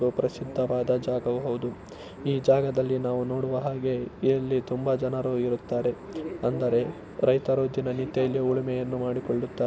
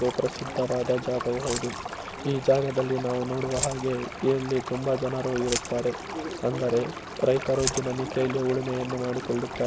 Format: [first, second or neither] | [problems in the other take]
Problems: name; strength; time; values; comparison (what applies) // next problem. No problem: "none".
first | background sound (Stream + Keys jangling); 9 dB below the speech